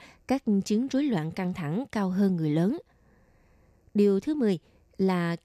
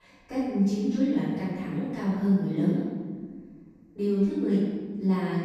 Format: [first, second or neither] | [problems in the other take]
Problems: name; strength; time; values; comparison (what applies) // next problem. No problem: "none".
first | room echo; strong; dies away in 1.4 s // off-mic speech; far